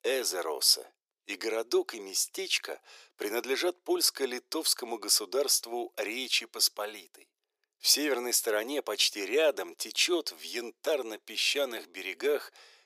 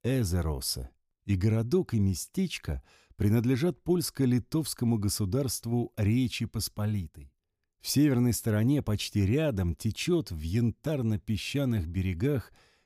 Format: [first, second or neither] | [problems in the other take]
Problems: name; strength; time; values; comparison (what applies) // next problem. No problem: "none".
second | thin; very; fading below 400 Hz